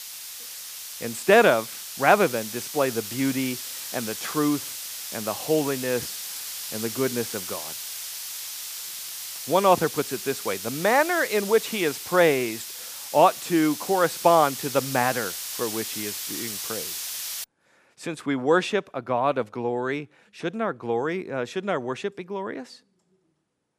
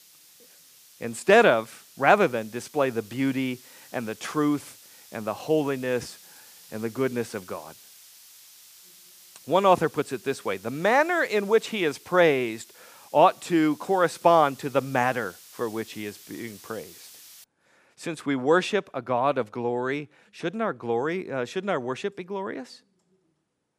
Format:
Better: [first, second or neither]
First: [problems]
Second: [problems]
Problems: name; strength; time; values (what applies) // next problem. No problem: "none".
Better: second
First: hiss; loud; until 17 s; 8 dB below the speech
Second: hiss; faint; until 17 s; 25 dB below the speech